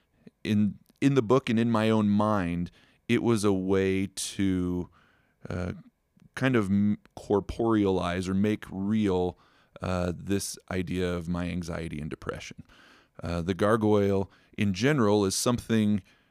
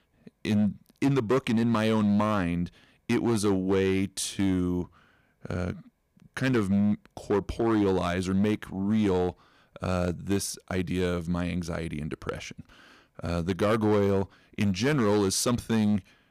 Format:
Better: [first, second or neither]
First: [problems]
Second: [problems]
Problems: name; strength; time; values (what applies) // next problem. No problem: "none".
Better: first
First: none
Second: distortion; slight; 6% of the sound clipped